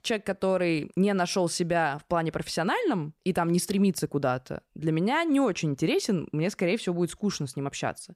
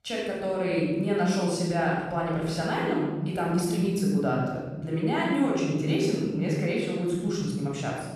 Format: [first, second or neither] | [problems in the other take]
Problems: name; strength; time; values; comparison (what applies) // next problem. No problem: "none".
first | off-mic speech; far // room echo; strong; dies away in 1.3 s